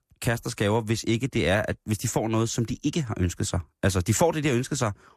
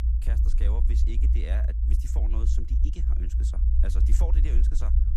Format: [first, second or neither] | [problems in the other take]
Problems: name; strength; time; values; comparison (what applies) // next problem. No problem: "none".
first | low rumble; loud; throughout; 1 dB below the speech